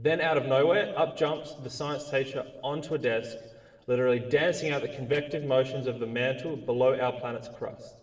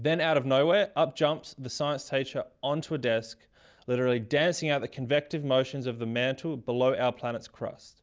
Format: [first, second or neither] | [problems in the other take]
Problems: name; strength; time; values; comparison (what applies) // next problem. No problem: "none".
second | noise reduction (neural separator model SepFormer DNS4)